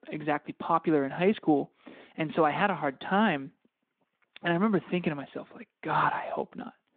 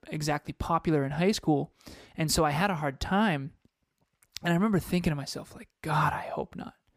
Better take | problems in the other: second | phone-call audio

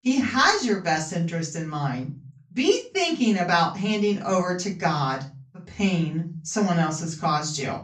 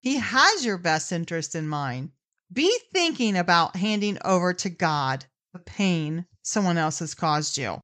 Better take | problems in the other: second | off-mic speech; far // room echo; slight; dies away in 0.4 s

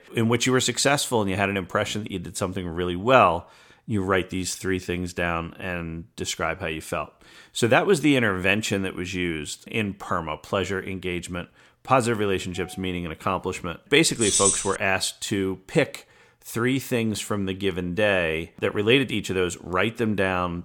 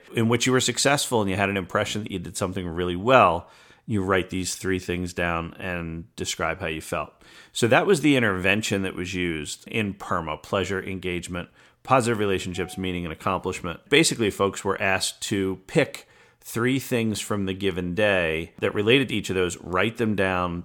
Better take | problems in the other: second | jangling keys; loud; at 14 s; peak 5 dB above the speech

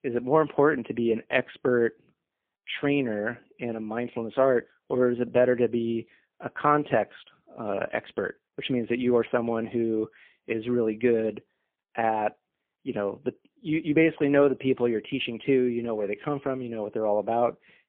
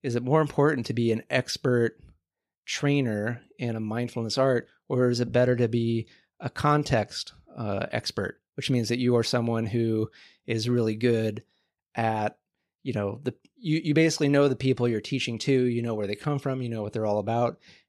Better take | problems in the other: second | phone-call audio; poor line; nothing above 3.5 kHz

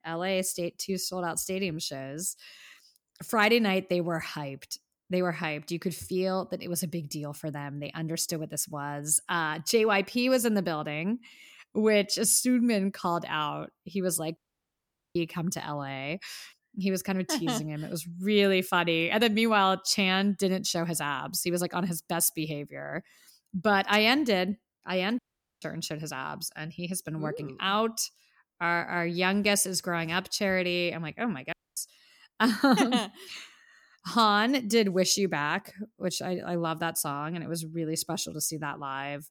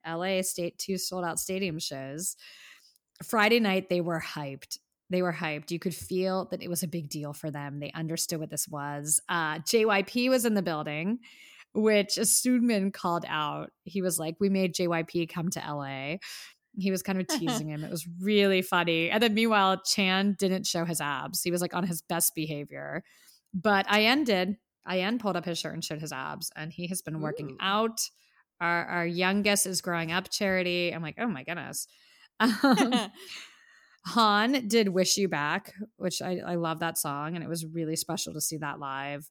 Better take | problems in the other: second | audio cutting out; at 14 s for 1 s, at 25 s and at 32 s

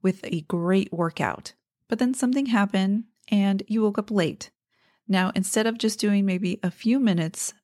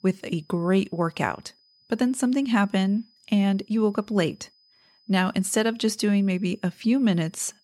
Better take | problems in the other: first | high-pitched whine; faint; throughout; 5 kHz, 35 dB below the speech

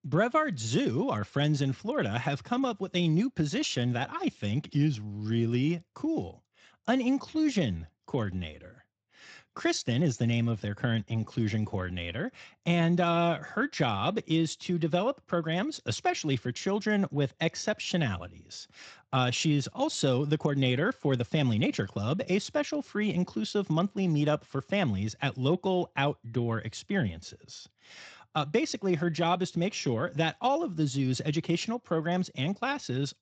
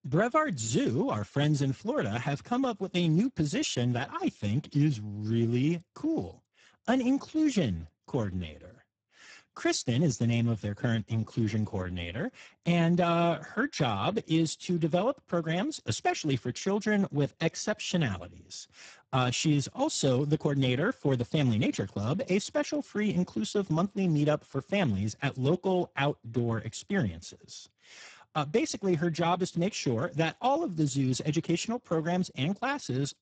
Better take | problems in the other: first | garbled, watery; badly; nothing above 7.5 kHz; slightly in the first

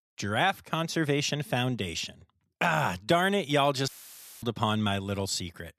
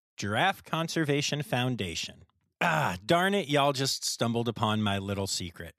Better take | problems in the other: second | audio cutting out; filled with static; at 4 s for 0.5 s

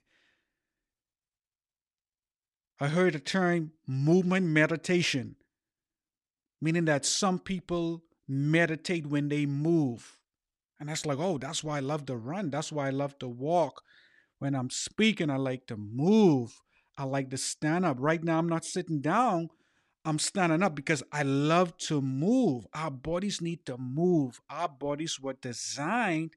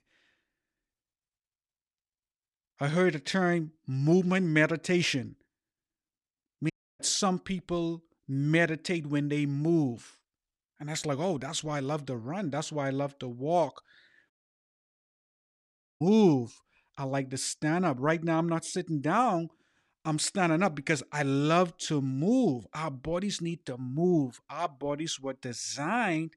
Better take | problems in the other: first | audio cutting out; at 6.5 s and at 14 s for 1.5 s

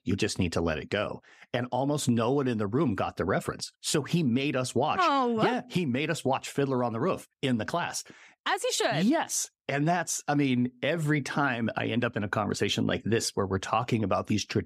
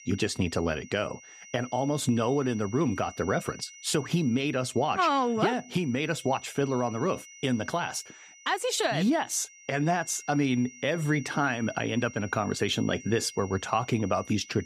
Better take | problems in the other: first | high-pitched whine; noticeable; throughout; 6 kHz, 20 dB below the speech

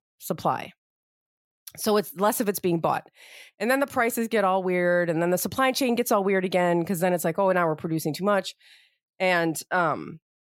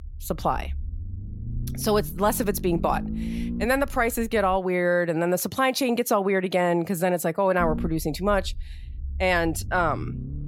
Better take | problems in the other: first | low rumble; noticeable; until 4.5 s and from 7.5 s on; 20 dB below the speech

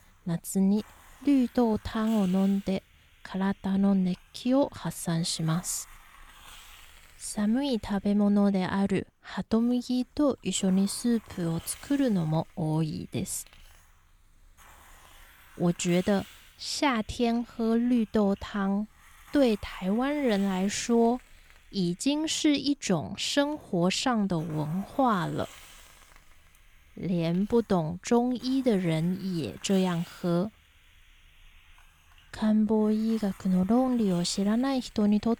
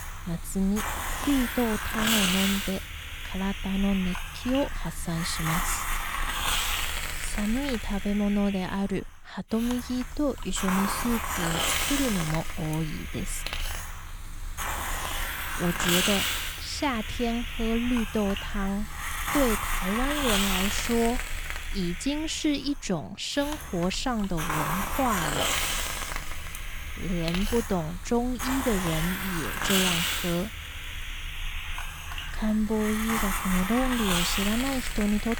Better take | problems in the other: first | hiss; loud; throughout; 1 dB below the speech; faint in the first

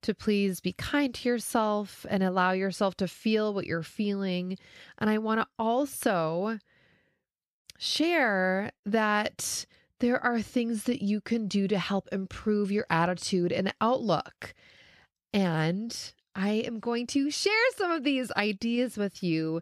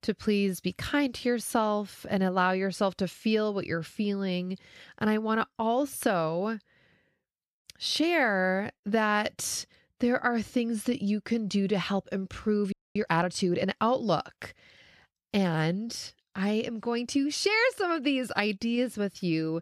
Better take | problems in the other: first | audio freezing; at 13 s

